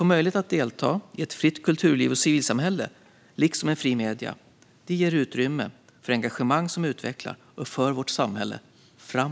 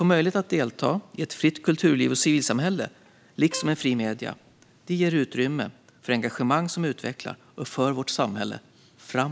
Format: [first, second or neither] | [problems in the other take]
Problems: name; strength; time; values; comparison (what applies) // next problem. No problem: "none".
first | background sound (Bowed string instrument); 19 dB below the speech